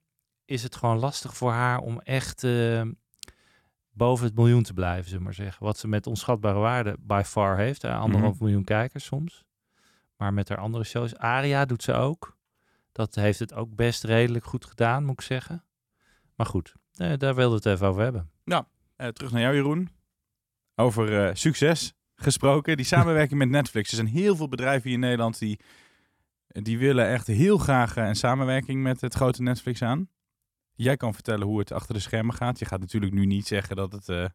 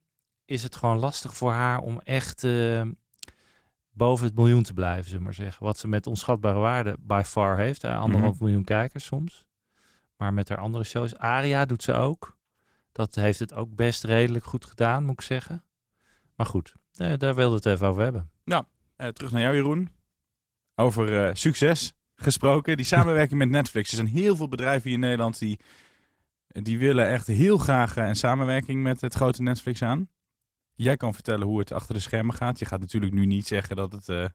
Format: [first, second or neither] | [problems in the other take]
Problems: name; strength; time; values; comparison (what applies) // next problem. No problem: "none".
first | garbled, watery; slightly; nothing above 17.5 kHz